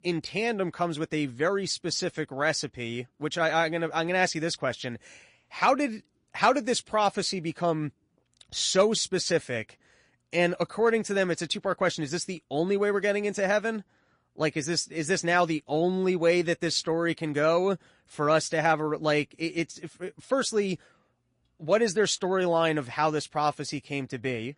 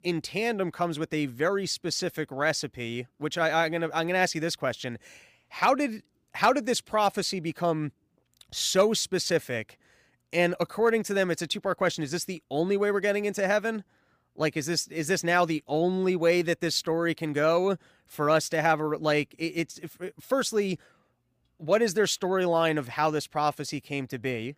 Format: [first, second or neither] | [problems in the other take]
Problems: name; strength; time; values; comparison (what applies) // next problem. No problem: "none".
second | garbled, watery; slightly; nothing above 10.5 kHz